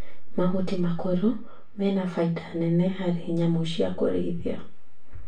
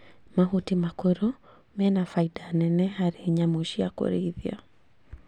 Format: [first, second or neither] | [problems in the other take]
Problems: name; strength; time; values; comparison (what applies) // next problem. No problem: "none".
second | room echo; dies away in 0.3 s